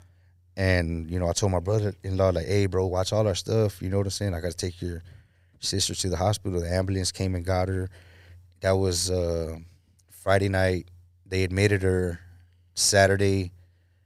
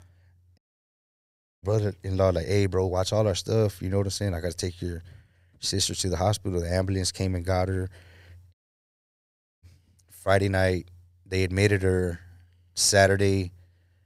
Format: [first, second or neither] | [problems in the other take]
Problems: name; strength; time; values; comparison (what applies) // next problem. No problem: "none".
first | audio cutting out; at 0.5 s for 1 s and at 8.5 s for 1 s